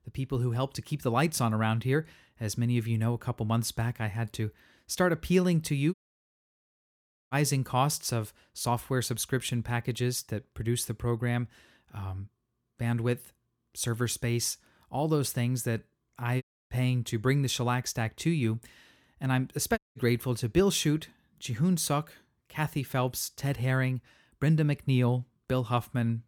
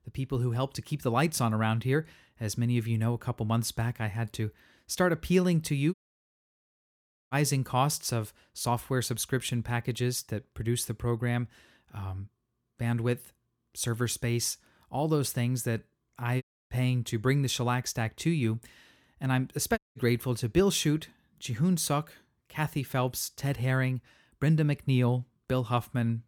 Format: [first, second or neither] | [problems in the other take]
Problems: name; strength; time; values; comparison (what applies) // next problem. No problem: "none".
neither | audio cutting out; at 6 s for 1.5 s, at 16 s and at 20 s; the same in both